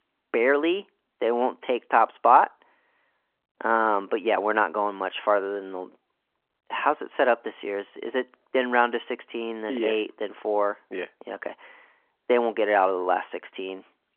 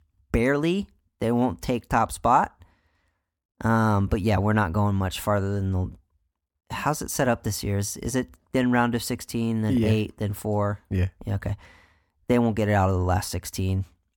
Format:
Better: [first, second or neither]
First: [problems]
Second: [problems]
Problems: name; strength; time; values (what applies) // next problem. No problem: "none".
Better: second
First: phone-call audio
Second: none